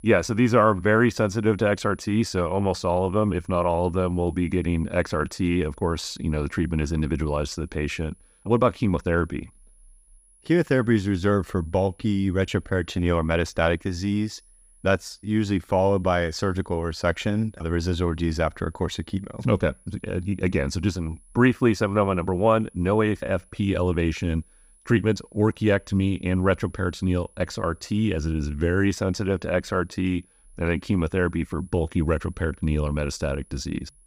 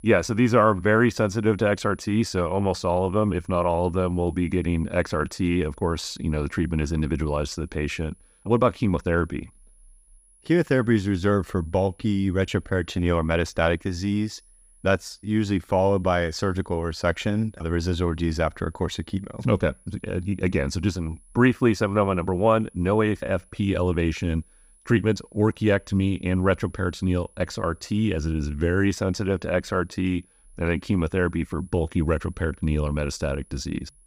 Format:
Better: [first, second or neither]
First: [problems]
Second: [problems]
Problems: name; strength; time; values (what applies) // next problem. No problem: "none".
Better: neither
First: high-pitched whine; faint; throughout; 10.5 kHz, 30 dB below the speech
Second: high-pitched whine; faint; throughout; 10.5 kHz, 30 dB below the speech